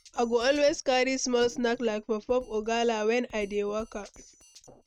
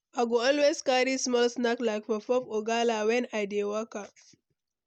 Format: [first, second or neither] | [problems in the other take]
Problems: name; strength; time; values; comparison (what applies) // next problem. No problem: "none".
second | noise reduction (neural mask model RNNoise)